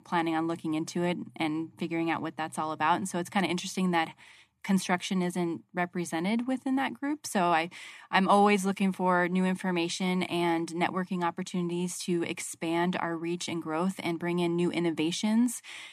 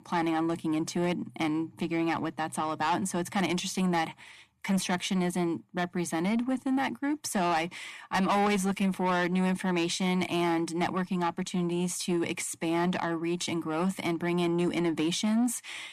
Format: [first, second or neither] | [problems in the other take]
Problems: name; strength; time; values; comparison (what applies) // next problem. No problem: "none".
first | distortion; slight; 10 dB below the speech